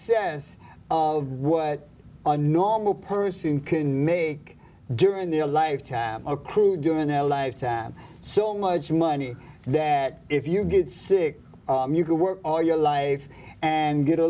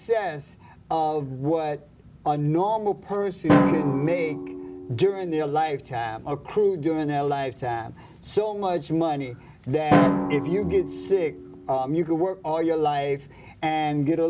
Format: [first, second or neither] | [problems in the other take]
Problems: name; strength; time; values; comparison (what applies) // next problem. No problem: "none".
first | background sound (Drum); 5 dB below the speech